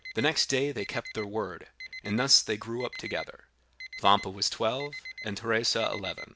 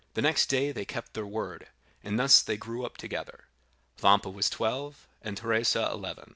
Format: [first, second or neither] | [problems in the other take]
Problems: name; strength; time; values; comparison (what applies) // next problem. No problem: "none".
second | background sound (Alarm); 15 dB below the speech